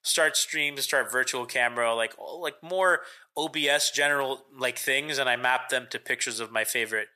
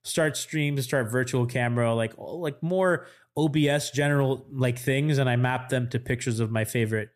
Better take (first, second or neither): second